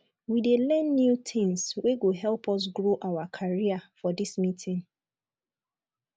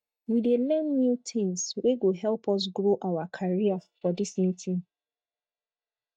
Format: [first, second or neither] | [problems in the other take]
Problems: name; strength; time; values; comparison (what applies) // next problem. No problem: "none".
first | noise reduction (neural mask model DeepFilterNet 3)